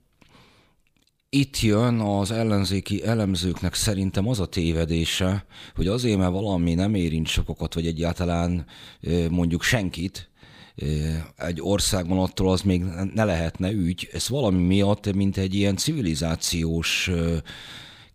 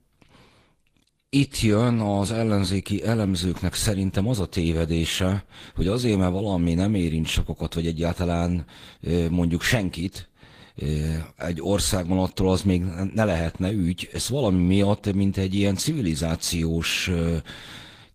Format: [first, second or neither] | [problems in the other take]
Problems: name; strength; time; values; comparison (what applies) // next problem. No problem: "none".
first | garbled, watery; slightly; nothing above 15 kHz